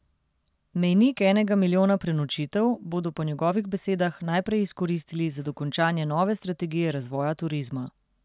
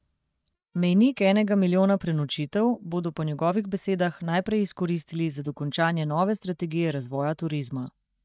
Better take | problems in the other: first | noise reduction (neural mask model DeepFilterNet 3)

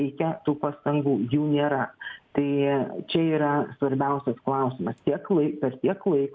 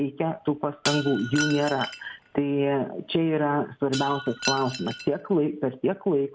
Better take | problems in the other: first | background sound (Shatter); 11 dB below the speech

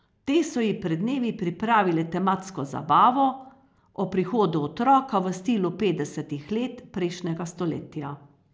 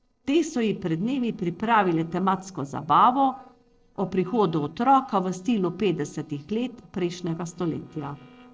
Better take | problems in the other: first | noise reduction (neural separator model SepFormer DNS4)

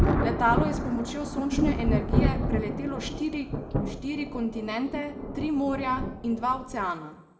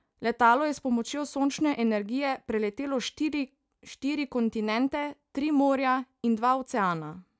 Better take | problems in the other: second | background sound (Thunder); 1 dB above the speech // room echo; dies away in 0.8 s

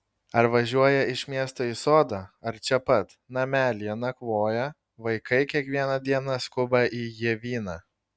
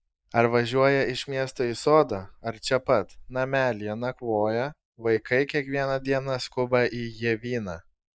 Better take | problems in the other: first | noise reduction (neural mask model Resemble Enhance denoiser)

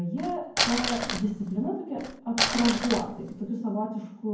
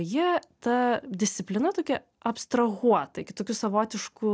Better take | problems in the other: second | background sound (Crumpling, crinkling); 2 dB below the speech // room echo; dies away in 0.9 s

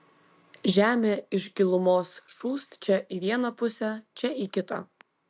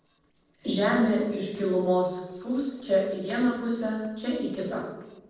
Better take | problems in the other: first | noise reduction (neural separator model SepFormer DNS4)

